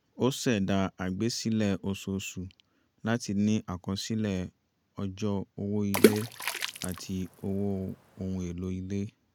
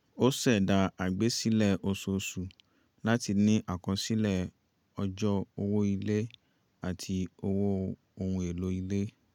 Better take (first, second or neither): second